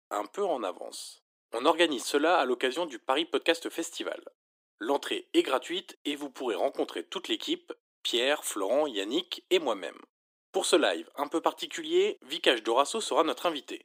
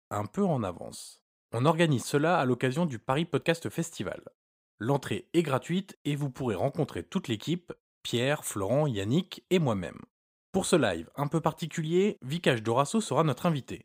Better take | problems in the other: second | thin; somewhat; fading below 300 Hz

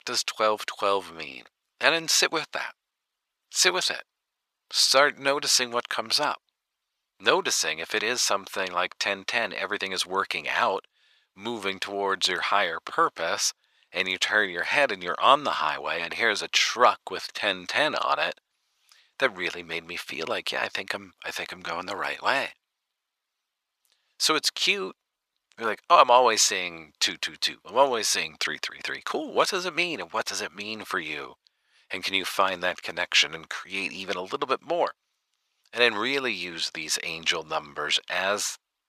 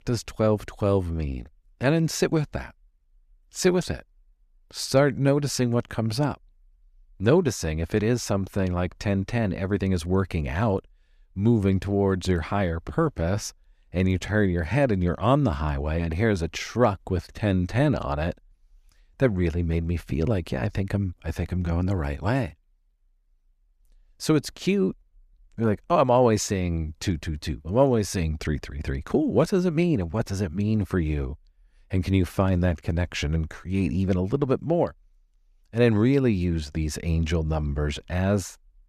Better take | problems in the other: second | thin; very; fading below 800 Hz

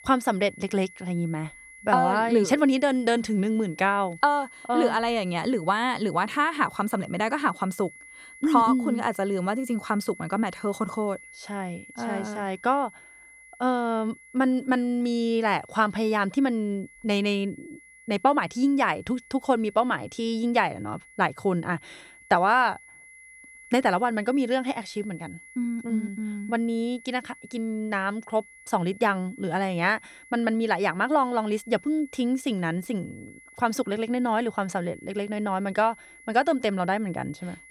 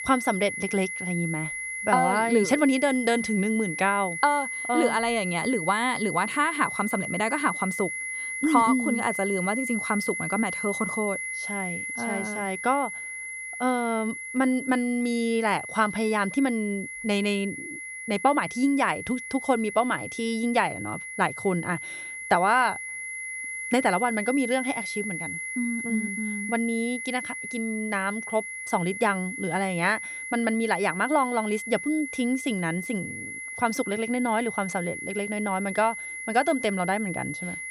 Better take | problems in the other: first | high-pitched whine; loud; throughout; 2 kHz, 6 dB below the speech; faint in the first

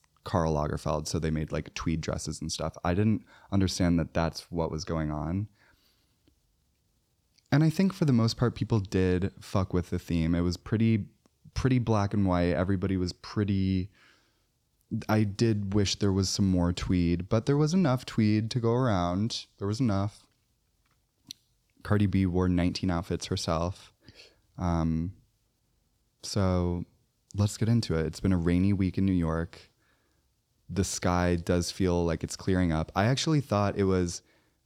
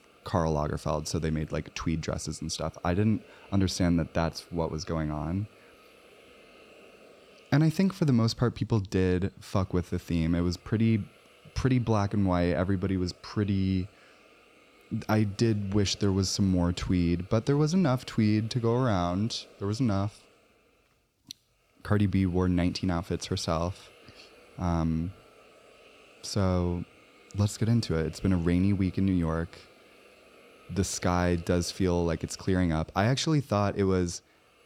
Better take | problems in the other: first | hiss; faint; throughout; 25 dB below the speech

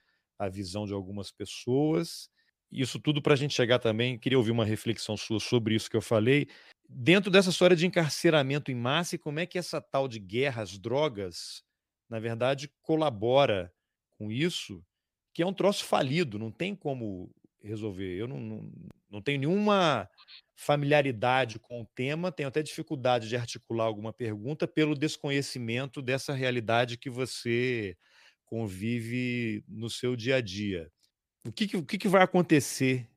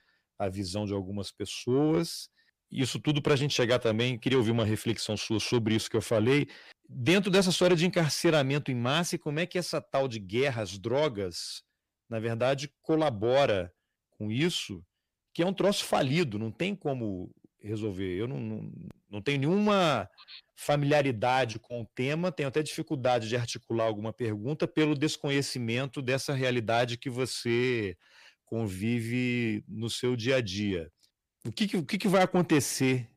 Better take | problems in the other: first | distortion; slight; 10 dB below the speech

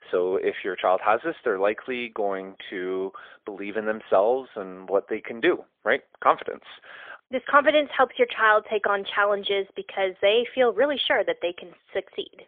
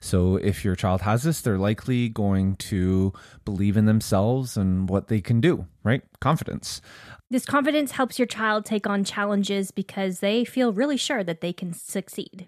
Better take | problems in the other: second | phone-call audio; poor line; nothing above 3.5 kHz

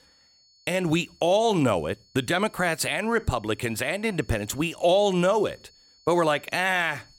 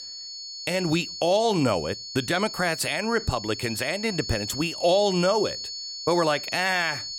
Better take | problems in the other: first | high-pitched whine; loud; throughout; 4.5 kHz, 8 dB below the speech; faint in the first

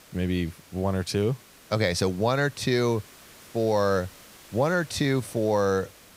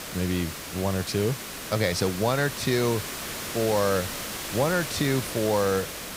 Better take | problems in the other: first | hiss; loud; throughout; 6 dB below the speech; faint in the first

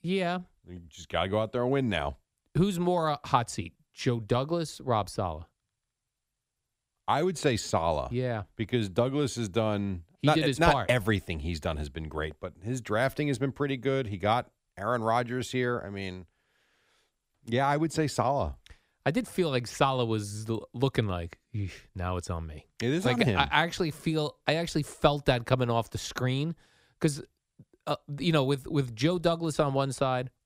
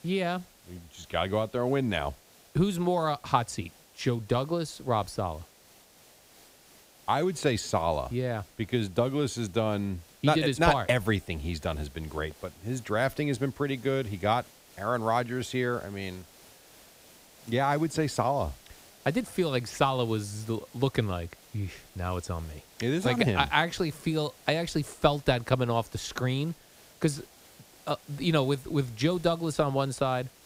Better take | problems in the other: first | hiss; faint; throughout; 25 dB below the speech

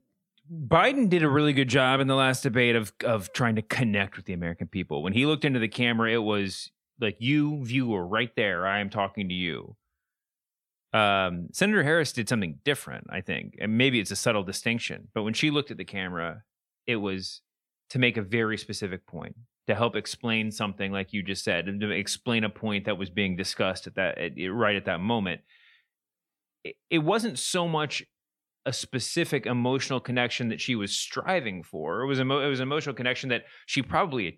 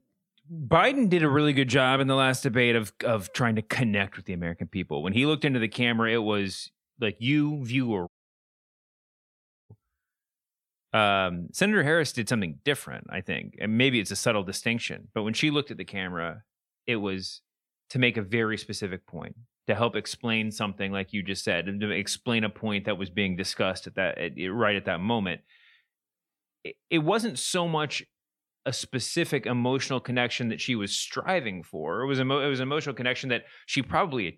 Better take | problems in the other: first | audio cutting out; at 8 s for 1.5 s

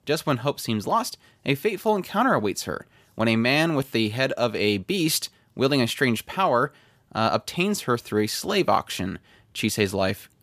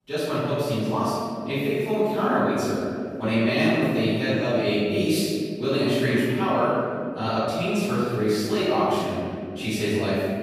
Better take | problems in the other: first | off-mic speech; far // room echo; strong; dies away in 2.7 s

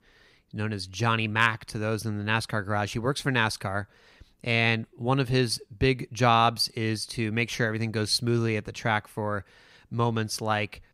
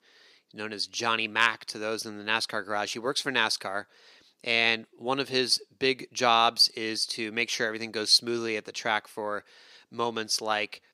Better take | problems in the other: first | thin; somewhat; fading below 350 Hz

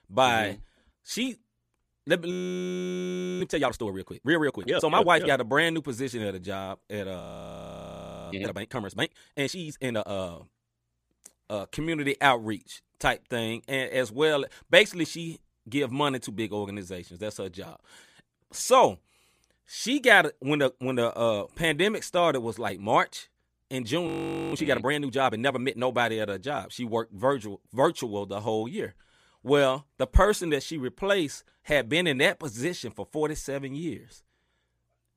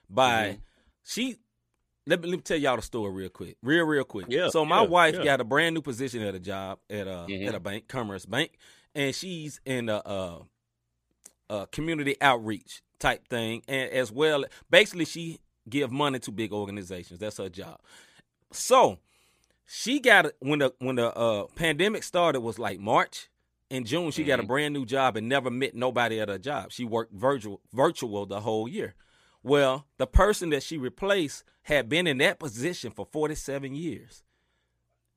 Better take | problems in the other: second | audio freezing; at 2.5 s for 1 s, at 7 s for 1 s and at 24 s

